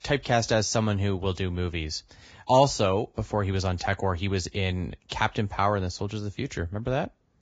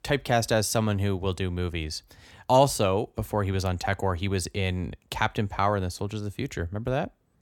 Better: second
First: garbled, watery; badly; nothing above 7.5 kHz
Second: none

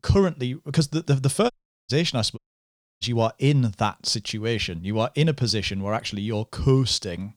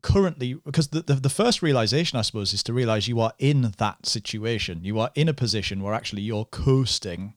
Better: second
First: audio cutting out; at 1.5 s and at 2.5 s for 0.5 s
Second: none

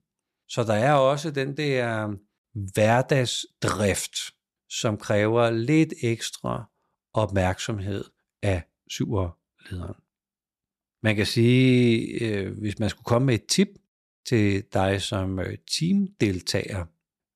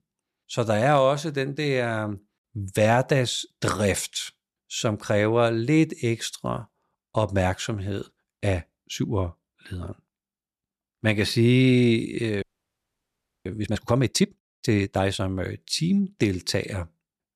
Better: first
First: none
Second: audio freezing; at 12 s for 1 s

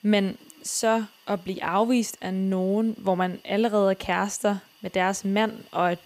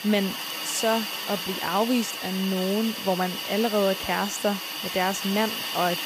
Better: first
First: hiss; faint; throughout; 30 dB below the speech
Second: hiss; loud; throughout; 3 dB below the speech

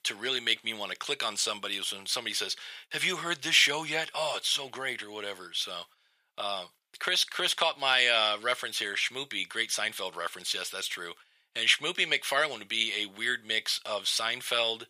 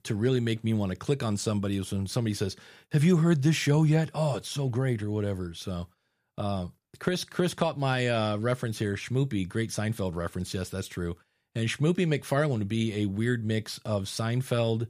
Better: second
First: thin; very; fading below 900 Hz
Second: none

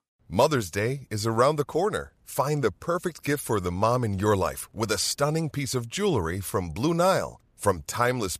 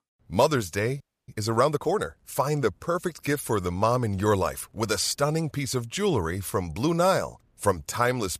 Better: first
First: none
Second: audio freezing; at 1 s

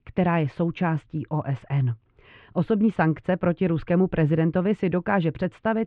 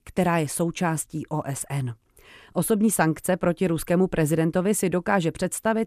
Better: second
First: muffled; very; fading above 3 kHz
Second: none

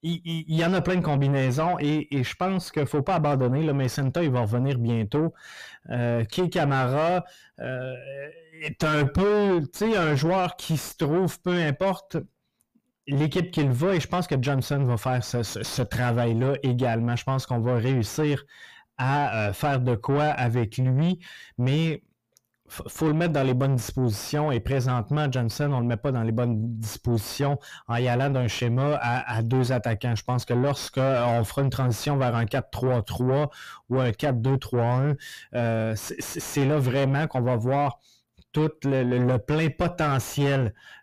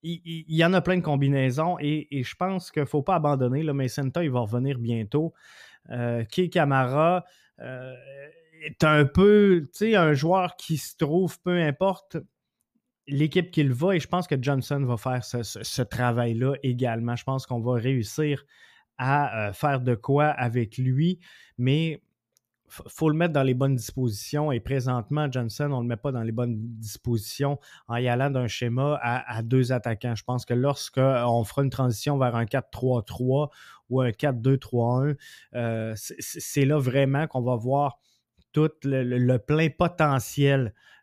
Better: second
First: distortion; heavy; 6 dB below the speech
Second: none

